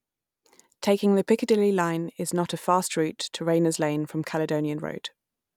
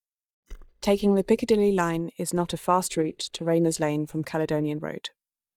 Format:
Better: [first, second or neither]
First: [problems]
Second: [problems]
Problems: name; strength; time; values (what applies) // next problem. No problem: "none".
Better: first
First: none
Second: noise reduction (neural mask model DeepFilterNet 3)